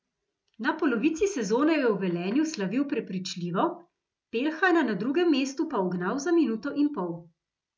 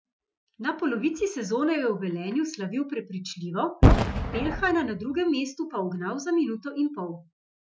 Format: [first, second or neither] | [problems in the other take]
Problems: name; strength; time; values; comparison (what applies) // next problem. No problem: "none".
first | noise reduction (classical method Wiener filter)